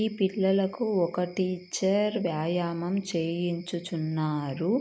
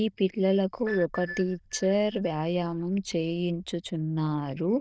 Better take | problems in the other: first | noise reduction (neural diffusion model UNIVERSE++)

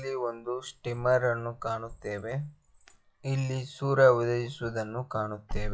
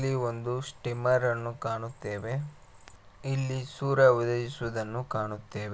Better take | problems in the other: second | noise reduction (classical method log-MMSE)

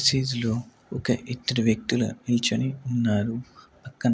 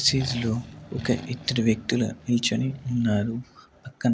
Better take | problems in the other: first | background sound (Accelerating, revving, vroom); 16 dB below the speech

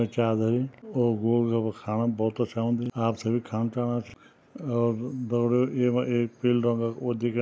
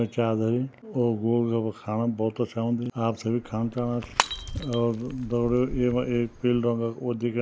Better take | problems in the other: first | background sound (Shatter / Crushing); 9 dB below the speech

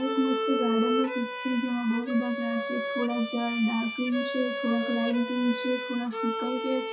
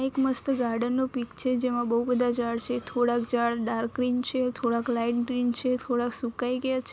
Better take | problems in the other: second | noise reduction (classical method WPE with log-MMSE)

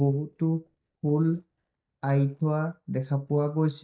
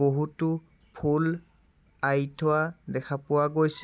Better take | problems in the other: second | noise reduction (neural mask model DeepFilterNet 3)

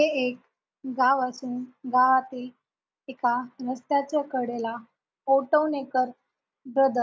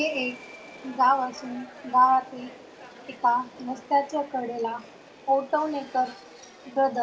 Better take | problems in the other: first | background sound (Subway, metro, underground); 19 dB below the speech // room echo; dies away in 0.2 s

